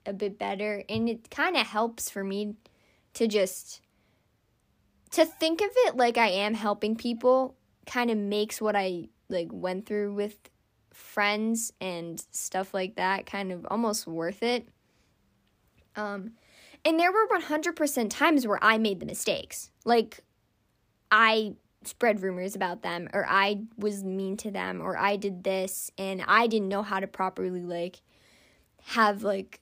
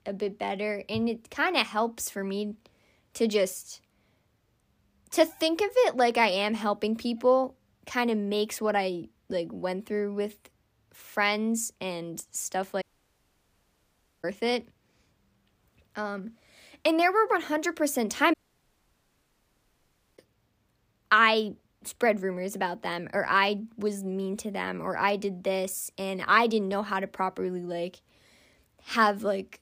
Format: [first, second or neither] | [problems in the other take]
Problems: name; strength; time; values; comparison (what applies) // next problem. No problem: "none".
first | audio cutting out; at 13 s for 1.5 s and at 18 s for 2 s